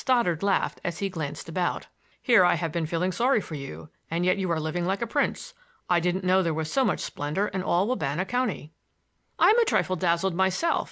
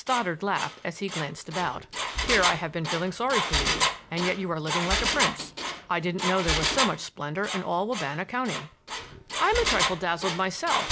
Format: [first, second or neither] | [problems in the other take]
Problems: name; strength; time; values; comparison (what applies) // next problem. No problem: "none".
first | background sound (Engine); 1 dB below the speech